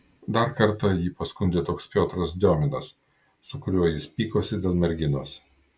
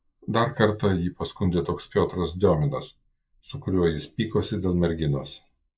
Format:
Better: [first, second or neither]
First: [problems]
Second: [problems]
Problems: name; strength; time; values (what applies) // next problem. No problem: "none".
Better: first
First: none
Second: noise reduction (neural mask model Resemble Enhance denoiser)